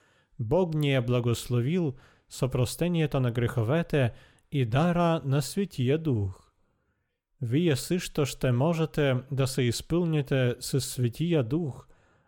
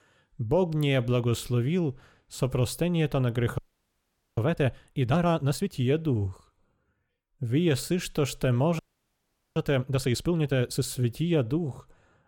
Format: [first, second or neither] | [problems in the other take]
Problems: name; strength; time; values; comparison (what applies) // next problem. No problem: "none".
first | audio freezing; at 3.5 s for 1 s and at 9 s for 1 s